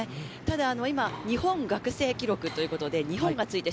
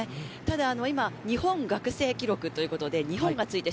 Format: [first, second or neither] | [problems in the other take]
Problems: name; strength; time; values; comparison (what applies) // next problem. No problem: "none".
second | background sound (Mechanisms); 17 dB below the speech